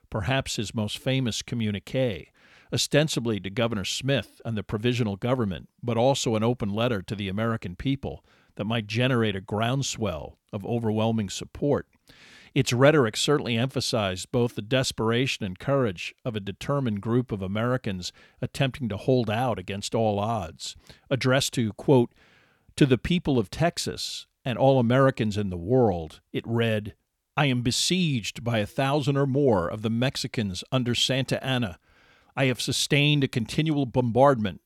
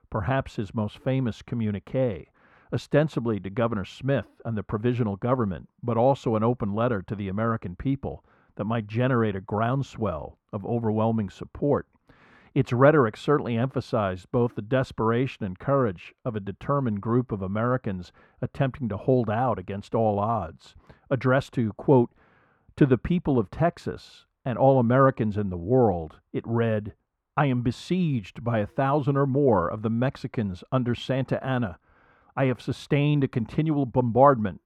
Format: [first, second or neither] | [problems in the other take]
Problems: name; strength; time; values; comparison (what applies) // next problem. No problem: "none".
first | muffled; very; fading above 2.5 kHz